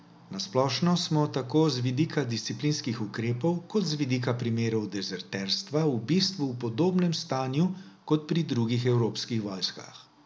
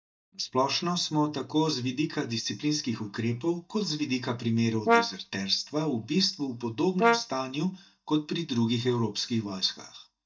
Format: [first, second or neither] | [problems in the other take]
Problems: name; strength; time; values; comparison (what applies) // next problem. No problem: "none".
first | noise reduction (neural mask model DeepFilterNet 3)